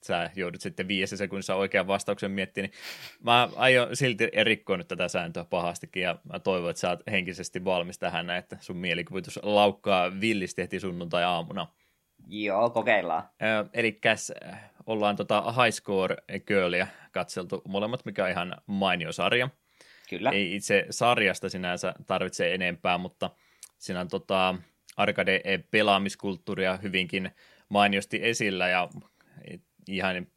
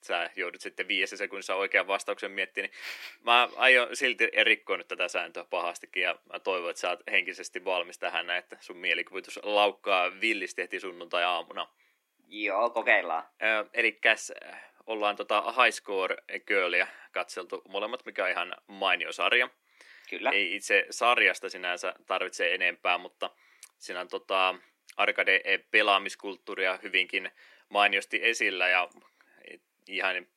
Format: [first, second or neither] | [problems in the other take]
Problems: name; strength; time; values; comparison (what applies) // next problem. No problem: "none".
first | thin; somewhat; fading below 300 Hz